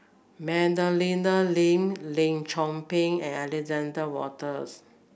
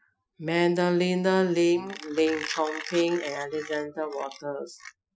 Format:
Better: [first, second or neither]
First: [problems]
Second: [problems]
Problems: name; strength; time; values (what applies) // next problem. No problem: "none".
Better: first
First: none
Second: noise reduction (classical method Wiener filter)